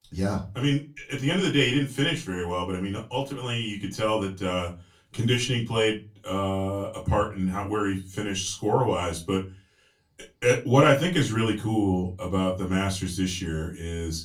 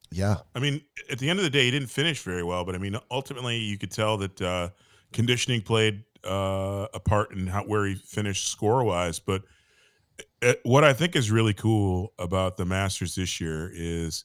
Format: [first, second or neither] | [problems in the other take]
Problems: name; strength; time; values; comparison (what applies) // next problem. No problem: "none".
second | off-mic speech; far // room echo; very slight; dies away in 0.2 s